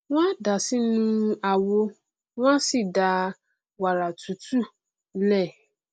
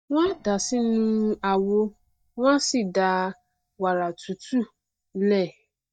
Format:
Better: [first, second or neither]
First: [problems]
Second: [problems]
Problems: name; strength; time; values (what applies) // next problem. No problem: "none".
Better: first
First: none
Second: noise reduction (neural mask model DeepFilterNet 3)